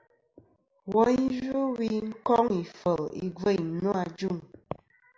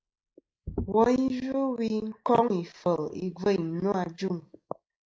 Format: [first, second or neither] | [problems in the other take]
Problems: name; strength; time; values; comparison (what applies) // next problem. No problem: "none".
first | noise reduction (neural mask model Resemble Enhance denoiser)